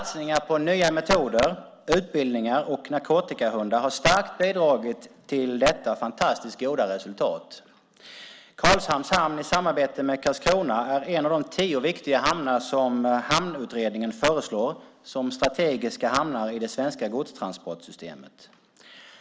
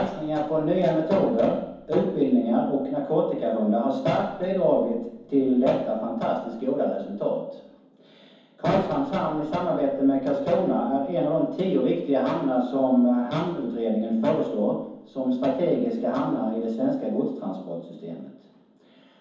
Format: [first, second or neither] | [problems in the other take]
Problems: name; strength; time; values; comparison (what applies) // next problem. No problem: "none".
first | room echo; dies away in 0.9 s